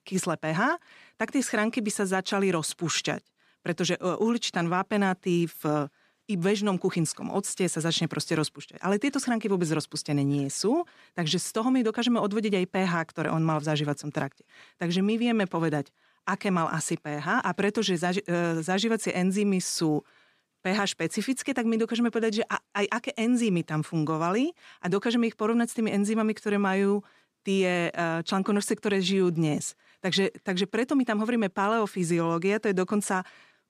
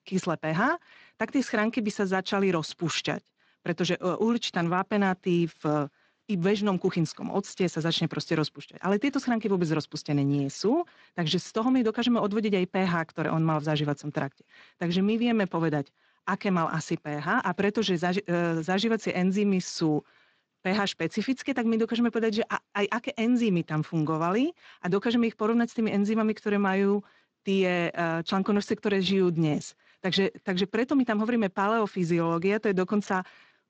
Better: first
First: none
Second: garbled, watery; slightly; nothing above 7.5 kHz

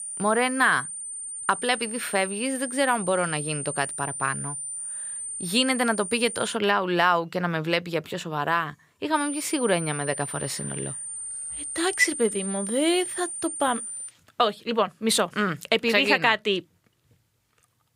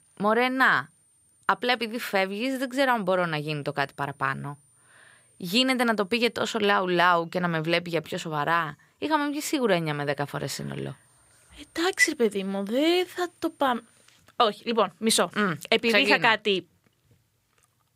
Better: second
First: high-pitched whine; loud; until 6.5 s and from 9 to 14 s; 9 kHz, 7 dB below the speech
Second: high-pitched whine; faint; until 6.5 s and from 9 to 14 s; 9 kHz, 35 dB below the speech

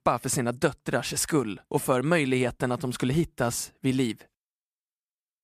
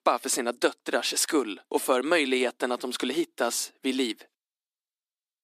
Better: first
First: none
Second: thin; very slightly; fading below 250 Hz

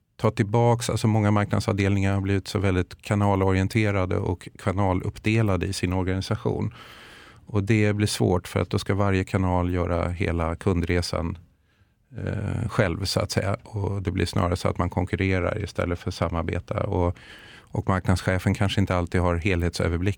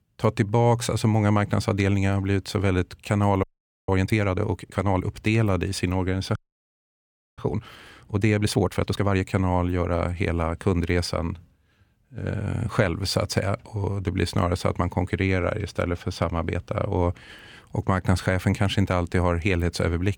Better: first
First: none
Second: audio freezing; at 3.5 s and at 6.5 s for 1 s

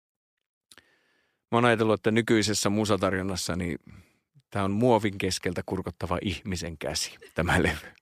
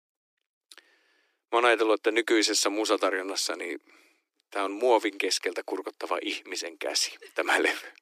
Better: first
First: none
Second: thin; very; fading below 300 Hz

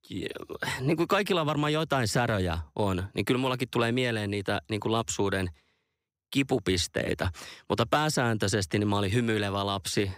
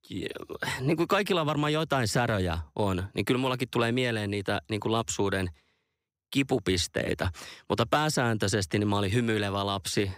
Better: neither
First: none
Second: none

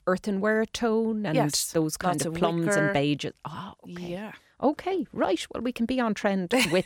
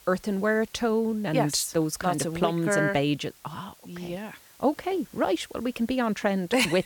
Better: first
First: none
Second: hiss; faint; throughout; 25 dB below the speech

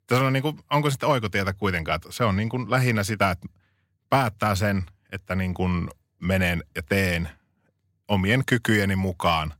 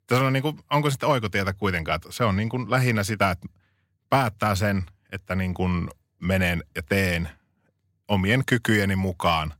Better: neither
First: none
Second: none

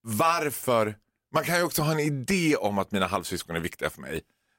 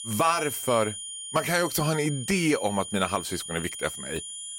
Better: first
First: none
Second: high-pitched whine; loud; throughout; 3 kHz, 8 dB below the speech

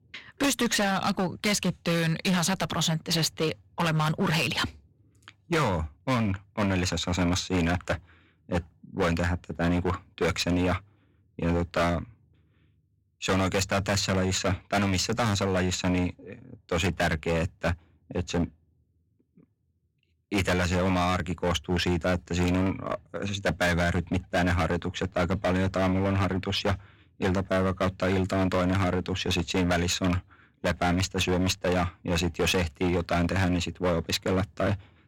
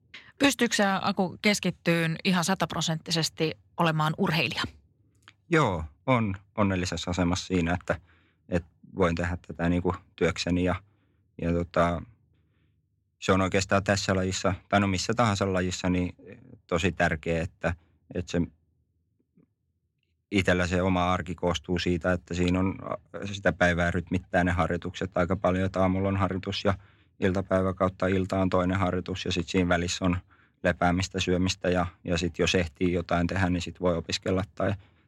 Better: second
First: distortion; heavy; 13% of the sound clipped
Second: none

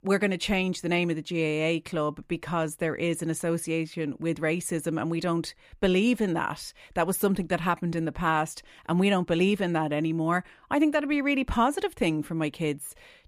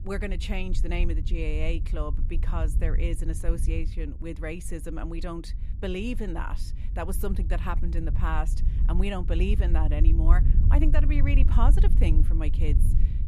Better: first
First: none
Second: wind noise on the microphone; heavy; 9 dB below the speech

